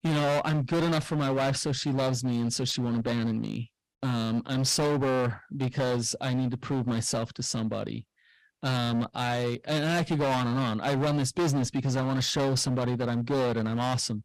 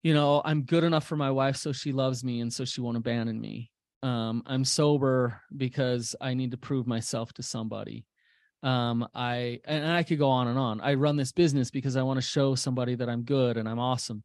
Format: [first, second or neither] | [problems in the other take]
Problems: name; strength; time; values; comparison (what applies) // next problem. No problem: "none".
second | distortion; heavy; 21% of the sound clipped